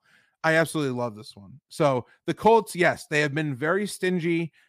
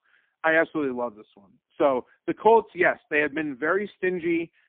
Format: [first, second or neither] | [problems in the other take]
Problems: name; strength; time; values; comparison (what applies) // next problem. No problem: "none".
first | phone-call audio; poor line